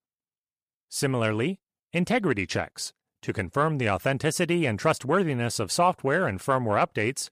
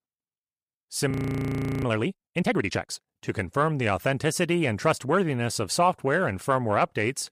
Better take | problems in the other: first | audio freezing; at 1 s for 0.5 s

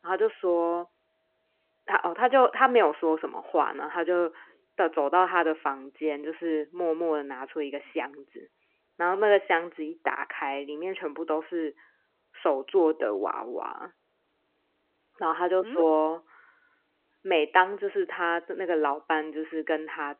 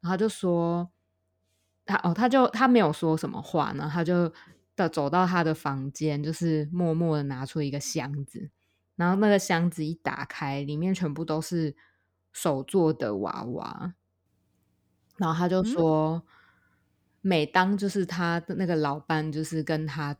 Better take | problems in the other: second | phone-call audio

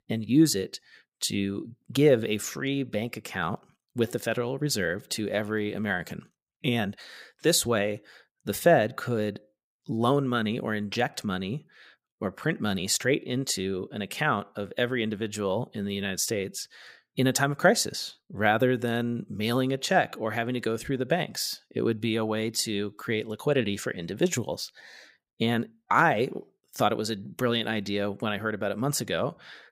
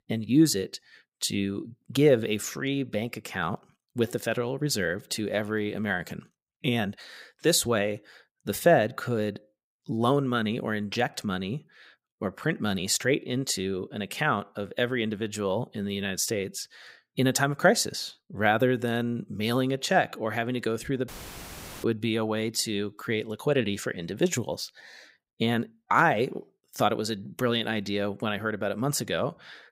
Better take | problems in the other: first | audio cutting out; filled with static; at 21 s for 1 s

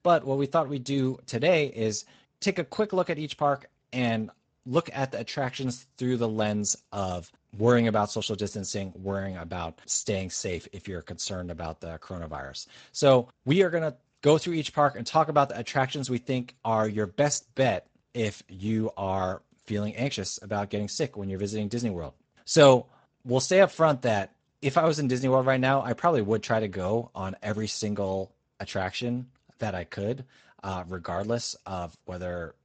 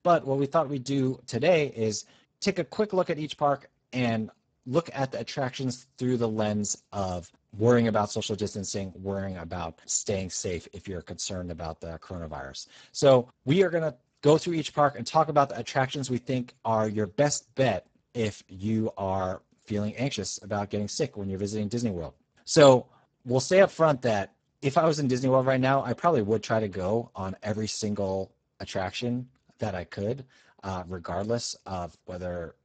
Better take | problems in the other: first | garbled, watery; badly; nothing above 7.5 kHz; slightly in the first

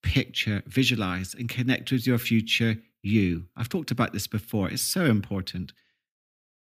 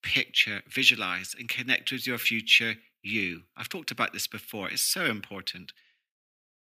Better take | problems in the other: first | thin; somewhat; fading below 950 Hz

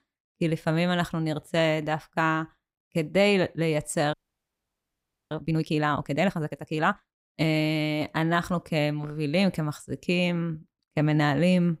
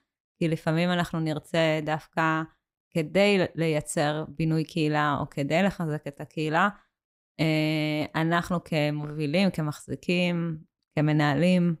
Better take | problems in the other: second | audio freezing; at 4 s for 1 s

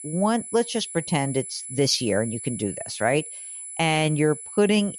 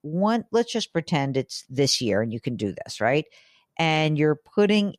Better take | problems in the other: second | high-pitched whine; loud; throughout; 10 kHz, 10 dB below the speech

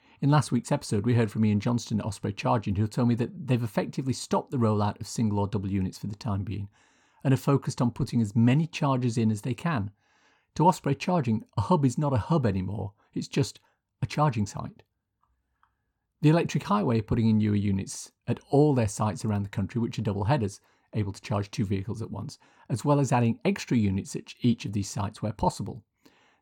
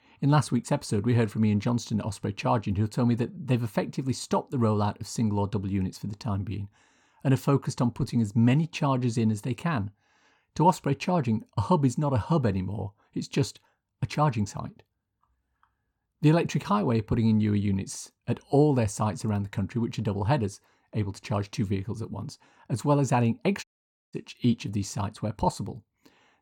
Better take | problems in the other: first | audio cutting out; at 24 s

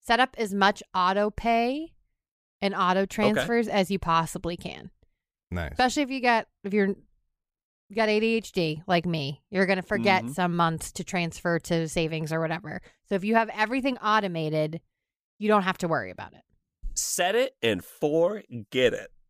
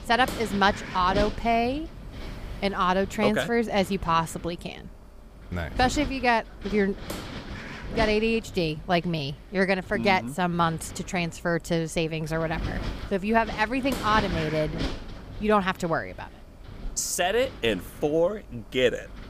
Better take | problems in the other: first | wind noise on the microphone; occasional gusts; 15 dB below the speech

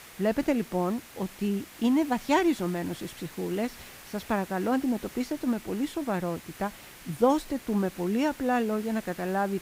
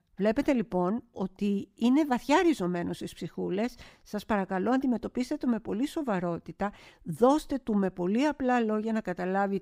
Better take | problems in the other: second | hiss; noticeable; throughout; 15 dB below the speech

